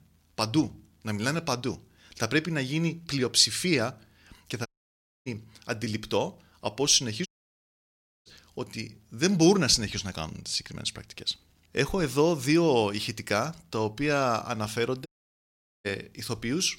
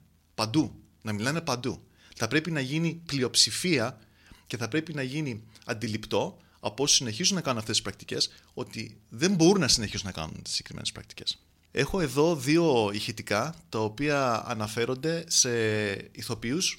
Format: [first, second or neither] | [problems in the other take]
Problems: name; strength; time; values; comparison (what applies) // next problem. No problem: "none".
second | audio cutting out; at 4.5 s for 0.5 s, at 7.5 s for 1 s and at 15 s for 1 s